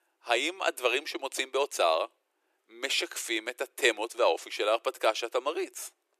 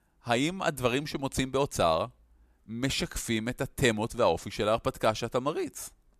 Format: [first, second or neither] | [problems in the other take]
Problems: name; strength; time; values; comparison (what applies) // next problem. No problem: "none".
second | thin; very; fading below 350 Hz